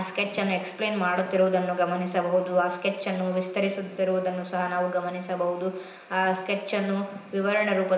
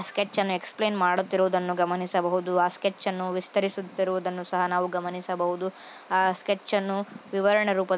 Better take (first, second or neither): second